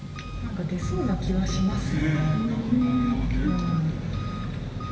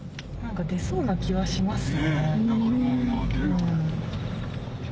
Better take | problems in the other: second | background sound (Engine); 15 dB below the speech // room echo; dies away in 2.4 s

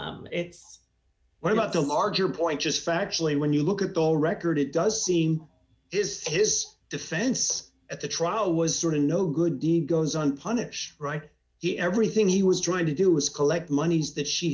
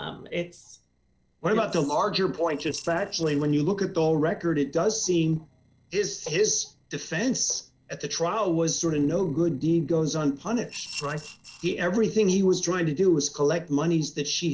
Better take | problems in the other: first | noise reduction (neural separator model SepFormer DNS4)

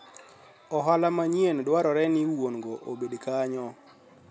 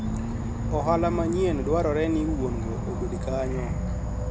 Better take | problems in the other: first | background sound (Insect / Frog); 1 dB below the speech

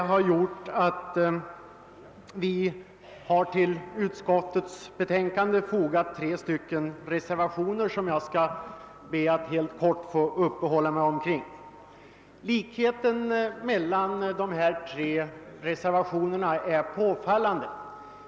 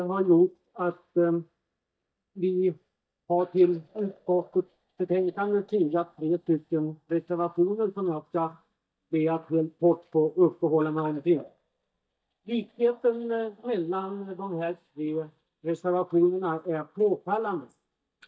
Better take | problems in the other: first | noise reduction (neural mask model DeepFilterNet 3)

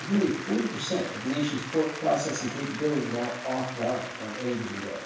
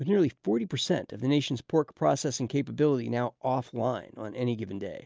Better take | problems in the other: second | background sound (Applause); 9 dB below the speech // room echo; dies away in 0.7 s

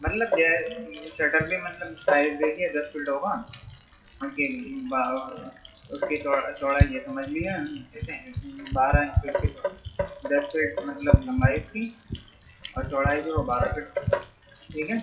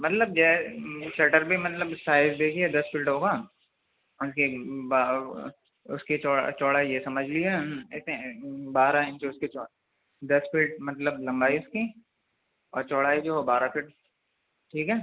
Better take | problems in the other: second | noise reduction (classical method WPE with log-MMSE)

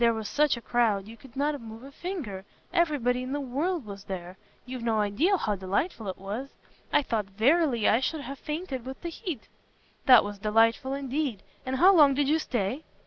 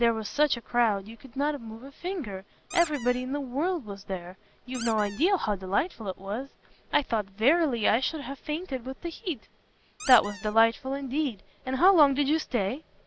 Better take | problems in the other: first | background sound (Squeak); 14 dB below the speech

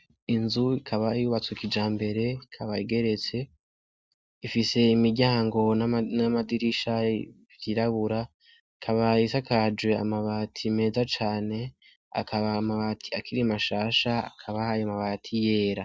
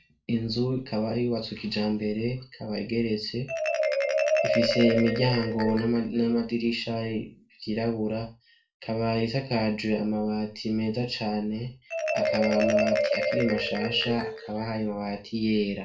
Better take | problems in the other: first | background sound (Marimba, xylophone); 4 dB below the speech // room echo; dies away in 0.3 s

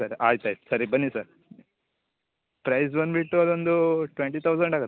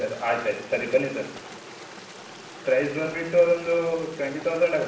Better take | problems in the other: first | background sound (Stream); 16 dB below the speech // room echo; dies away in 0.7 s

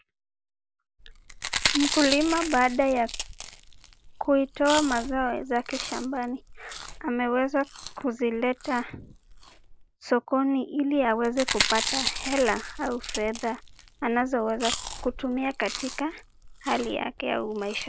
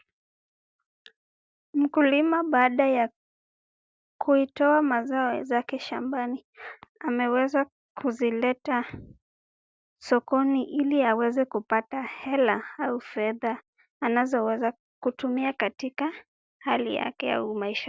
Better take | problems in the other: second | background sound (Chewing, mastication); 8 dB below the speech

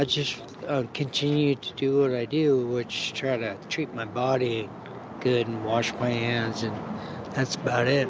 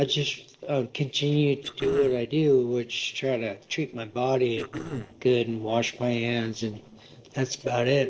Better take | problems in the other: first | noise reduction (neural separator model SepFormer DNS4)

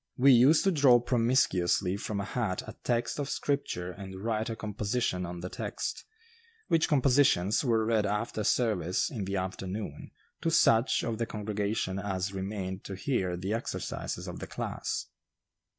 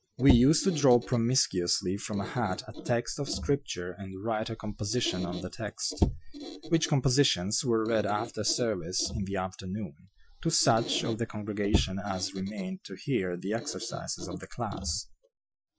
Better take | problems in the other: first | noise reduction (classical method Wiener filter)

